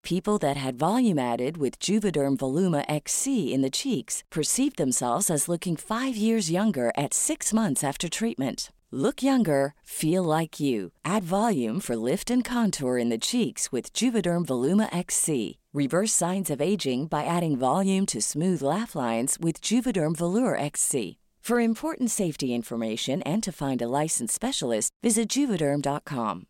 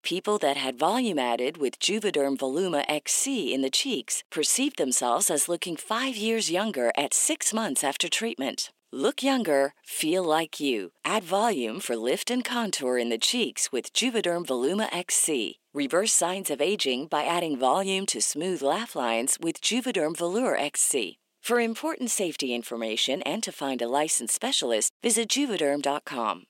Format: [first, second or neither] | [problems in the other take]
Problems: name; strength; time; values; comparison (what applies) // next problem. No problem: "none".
first | thin; very slightly; fading below 300 Hz